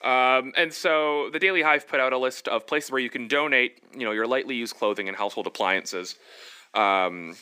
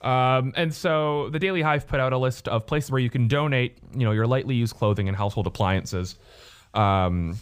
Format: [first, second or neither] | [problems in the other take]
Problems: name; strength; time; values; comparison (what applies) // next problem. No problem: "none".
second | thin; somewhat; fading below 250 Hz